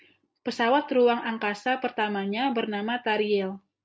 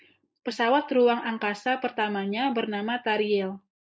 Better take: first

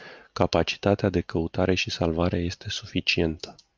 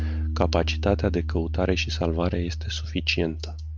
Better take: first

